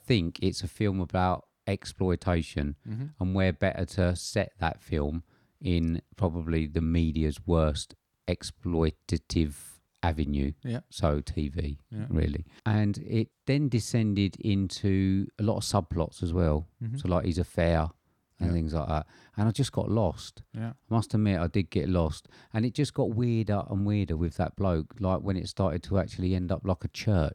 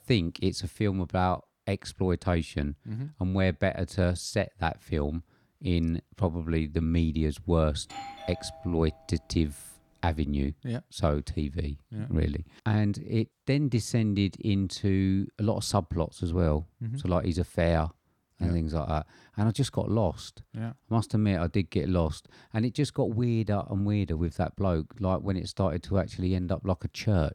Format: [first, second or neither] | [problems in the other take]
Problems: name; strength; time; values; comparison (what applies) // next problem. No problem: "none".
first | doorbell; faint; from 8 to 9 s; peak 10 dB below the speech